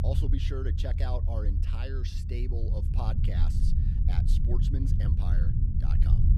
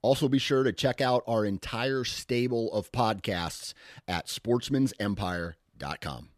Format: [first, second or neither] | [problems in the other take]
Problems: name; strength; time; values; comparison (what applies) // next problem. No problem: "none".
second | low rumble; loud; throughout; 2 dB below the speech